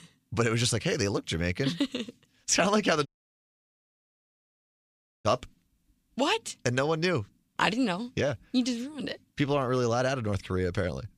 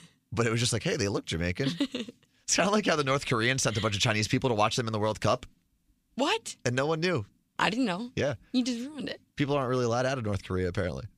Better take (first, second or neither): second